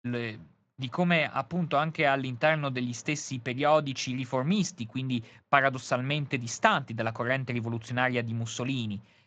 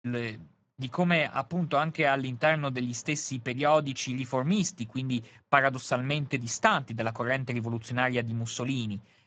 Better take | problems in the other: first | garbled, watery; badly; nothing above 7.5 kHz; slightly in the first

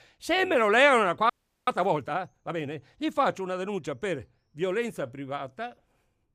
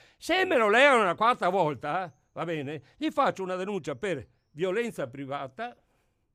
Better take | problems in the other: second | audio freezing; at 1.5 s

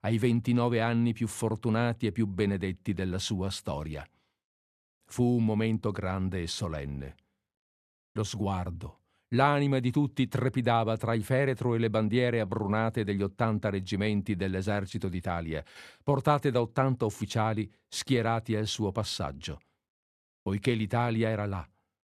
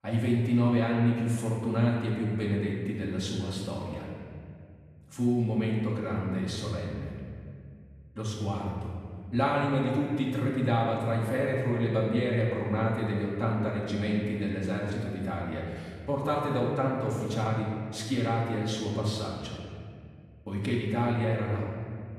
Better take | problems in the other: first | off-mic speech; far // room echo; noticeable; dies away in 1.9 s

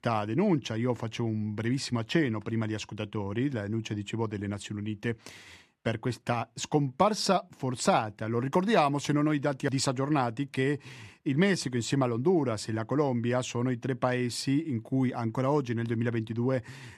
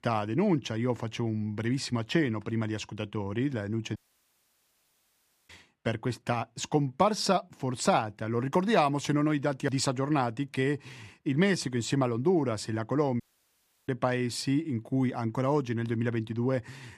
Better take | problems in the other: first | audio cutting out; at 4 s for 1.5 s and at 13 s for 0.5 s

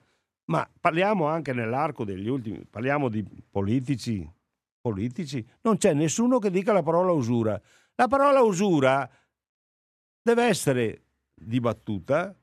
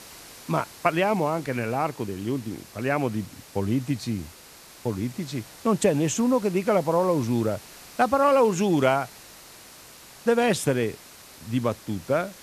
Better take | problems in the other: first | hiss; noticeable; throughout; 20 dB below the speech

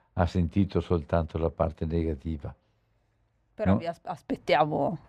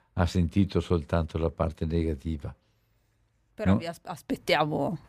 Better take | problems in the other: second | muffled; slightly; fading above 3 kHz

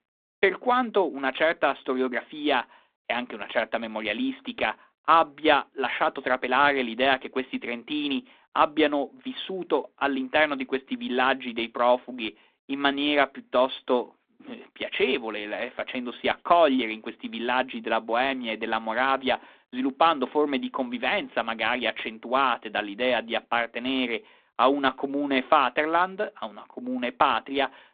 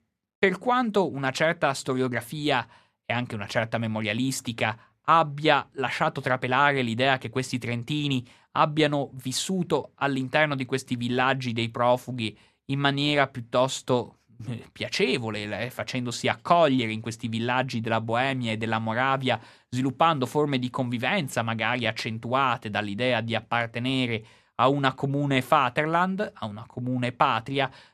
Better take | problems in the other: second | phone-call audio

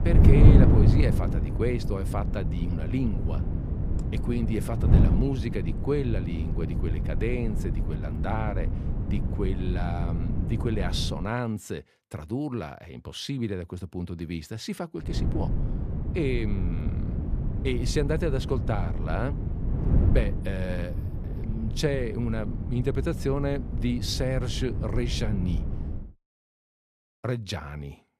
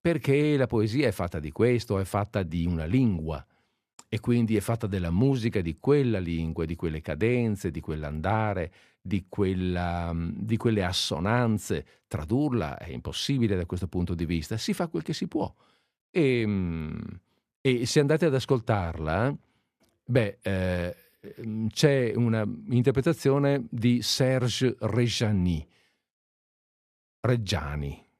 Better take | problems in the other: second | wind noise on the microphone; heavy; until 11 s and from 15 to 26 s; 5 dB below the speech

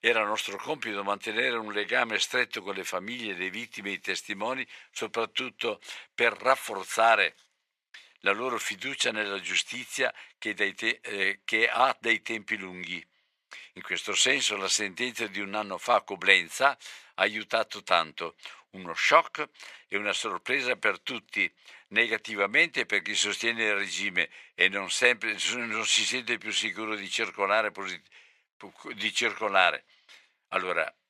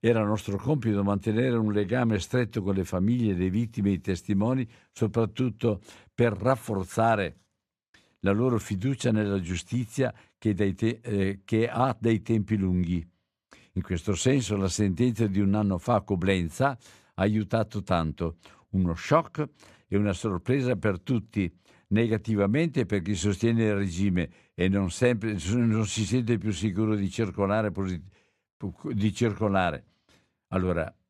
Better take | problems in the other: second | thin; very; fading below 700 Hz

